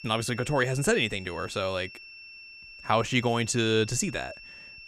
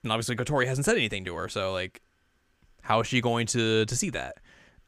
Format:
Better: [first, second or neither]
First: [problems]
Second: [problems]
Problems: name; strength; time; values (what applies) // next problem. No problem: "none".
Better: second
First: high-pitched whine; noticeable; throughout; 2.5 kHz, 15 dB below the speech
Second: none